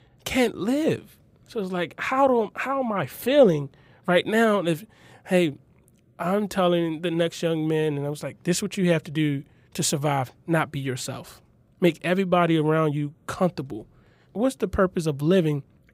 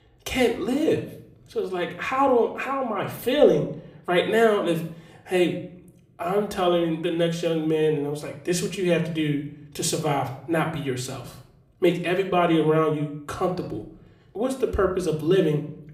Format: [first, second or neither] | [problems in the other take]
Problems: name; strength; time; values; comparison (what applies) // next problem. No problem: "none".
first | room echo; slight; dies away in 0.5 s